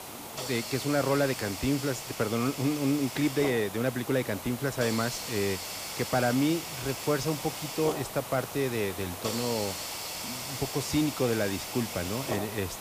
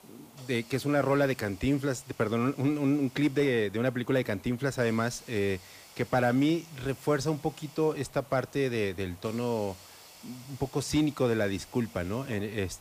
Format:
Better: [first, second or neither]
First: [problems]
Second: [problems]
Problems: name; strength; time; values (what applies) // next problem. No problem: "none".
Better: second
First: hiss; loud; throughout; 6 dB below the speech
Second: hiss; faint; throughout; 20 dB below the speech